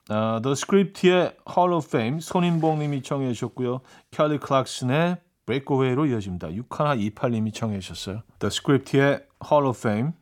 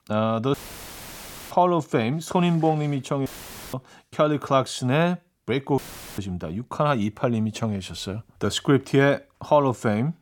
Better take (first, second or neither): first